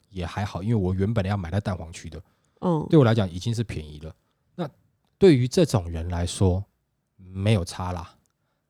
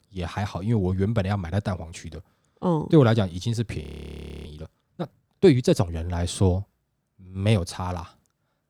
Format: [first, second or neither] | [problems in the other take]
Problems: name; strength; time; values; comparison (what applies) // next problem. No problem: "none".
first | audio freezing; at 4 s for 0.5 s